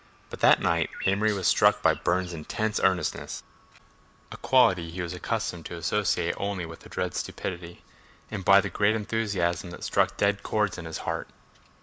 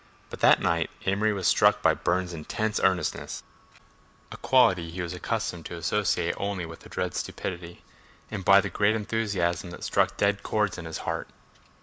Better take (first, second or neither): second